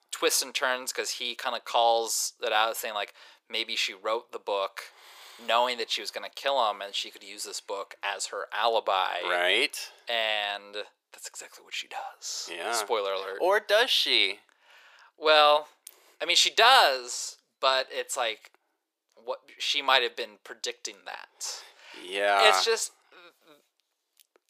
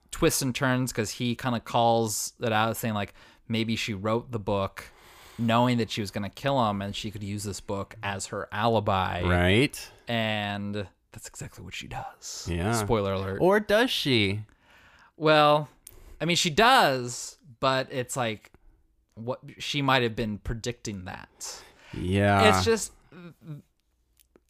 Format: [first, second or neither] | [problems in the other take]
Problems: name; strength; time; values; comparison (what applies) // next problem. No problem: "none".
second | thin; very; fading below 450 Hz